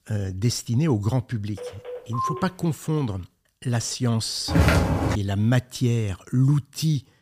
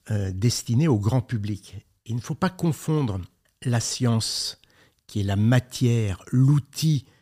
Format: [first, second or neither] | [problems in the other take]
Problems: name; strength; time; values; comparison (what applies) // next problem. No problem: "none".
second | phone ringing; noticeable; at 1.5 s; peak 4 dB below the speech // footsteps; loud; at 4.5 s; peak 6 dB above the speech